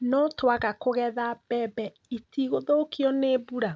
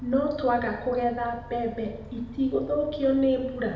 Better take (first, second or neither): first